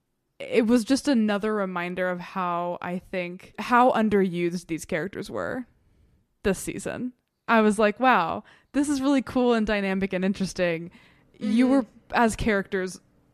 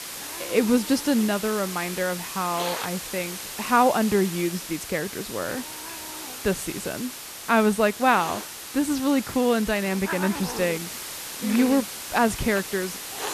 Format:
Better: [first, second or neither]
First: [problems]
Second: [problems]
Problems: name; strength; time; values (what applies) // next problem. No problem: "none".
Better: first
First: none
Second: hiss; loud; throughout; 8 dB below the speech